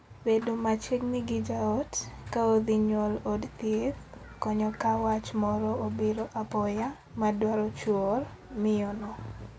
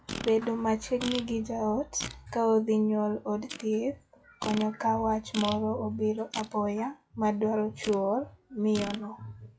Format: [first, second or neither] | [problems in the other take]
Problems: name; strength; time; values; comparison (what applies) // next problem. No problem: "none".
first | noise reduction (classical method log-MMSE)